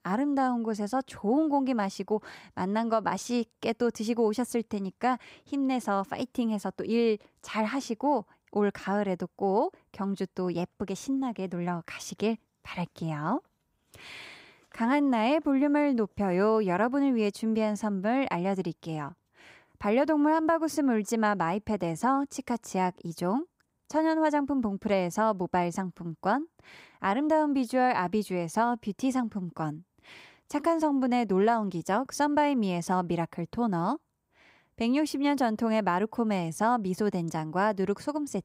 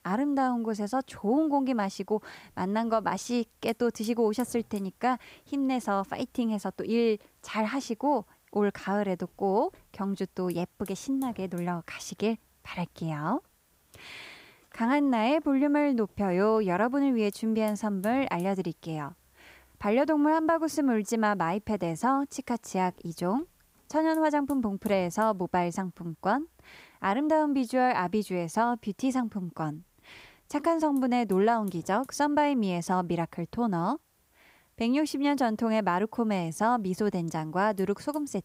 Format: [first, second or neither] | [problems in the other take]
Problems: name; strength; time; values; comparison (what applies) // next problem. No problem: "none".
first | hiss; faint; throughout; 30 dB below the speech